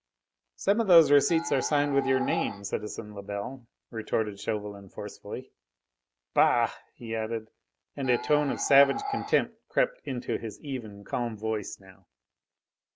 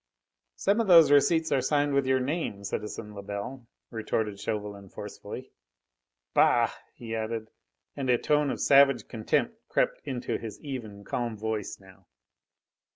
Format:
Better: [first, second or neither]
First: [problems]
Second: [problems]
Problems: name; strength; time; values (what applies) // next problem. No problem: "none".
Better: second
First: background sound (Animal); 7 dB below the speech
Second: none